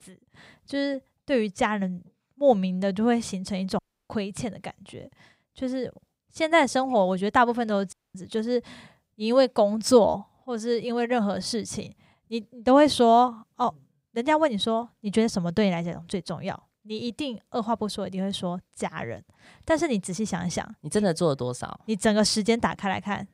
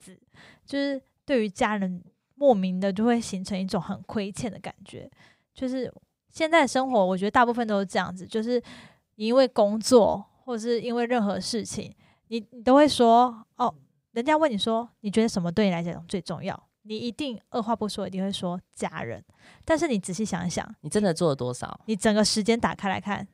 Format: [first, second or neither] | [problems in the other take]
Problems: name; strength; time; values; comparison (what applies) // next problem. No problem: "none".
second | audio cutting out; at 4 s and at 8 s